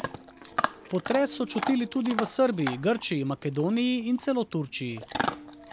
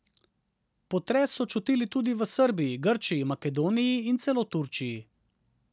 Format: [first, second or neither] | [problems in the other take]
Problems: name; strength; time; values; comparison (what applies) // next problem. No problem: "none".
second | background sound (Chewing, mastication / Dog); 8 dB below the speech